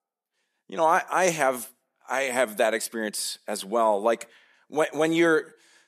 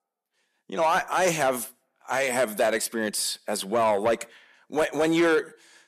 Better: first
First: none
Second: distortion; slight; 10 dB below the speech

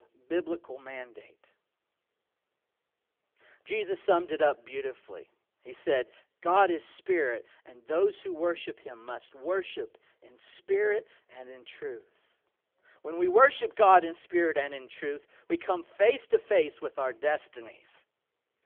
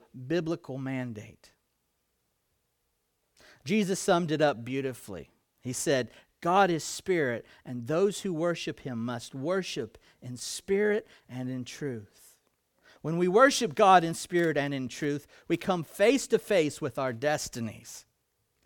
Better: second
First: phone-call audio; poor line; nothing above 3.5 kHz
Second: none

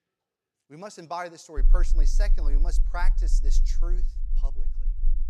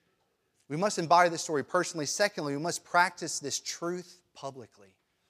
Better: second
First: low rumble; noticeable; from 1.5 s on; 20 dB below the speech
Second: none

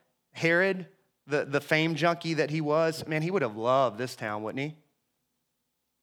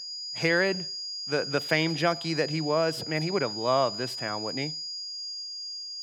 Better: first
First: none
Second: high-pitched whine; loud; throughout; 5 kHz, 5 dB below the speech

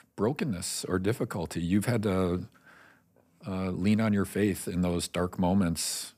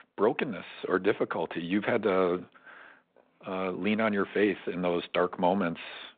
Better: first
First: none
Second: phone-call audio; nothing above 4 kHz

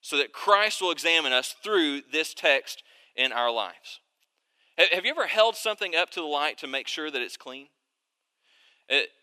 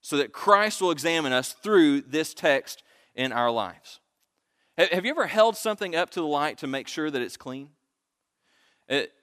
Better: second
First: thin; somewhat; fading below 450 Hz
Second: none

